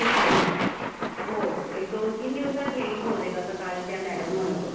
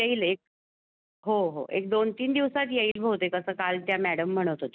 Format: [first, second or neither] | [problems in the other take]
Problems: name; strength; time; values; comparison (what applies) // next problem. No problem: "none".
second | background sound (Thunder / Rain); 1 dB above the speech // room echo; dies away in 1.1 s